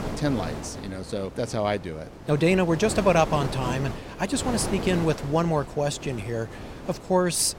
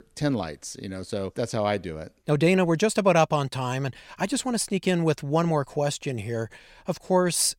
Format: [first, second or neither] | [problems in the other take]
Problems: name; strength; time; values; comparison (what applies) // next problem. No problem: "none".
second | wind noise on the microphone; occasional gusts; 10 dB below the speech